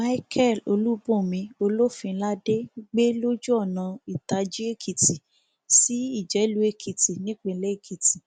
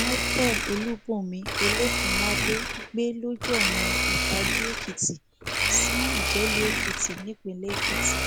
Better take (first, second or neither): first